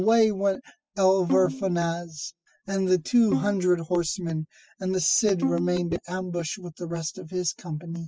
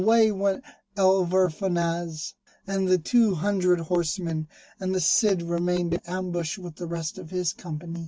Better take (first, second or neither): second